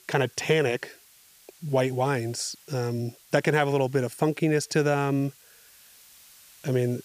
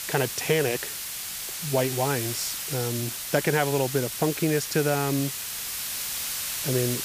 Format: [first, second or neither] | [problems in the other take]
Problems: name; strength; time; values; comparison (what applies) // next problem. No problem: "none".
first | hiss; loud; throughout; 3 dB below the speech; faint in the first